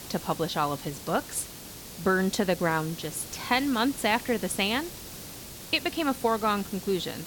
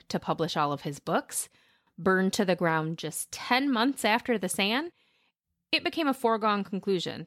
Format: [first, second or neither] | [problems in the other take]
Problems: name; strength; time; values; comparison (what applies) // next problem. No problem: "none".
second | hiss; noticeable; throughout; 10 dB below the speech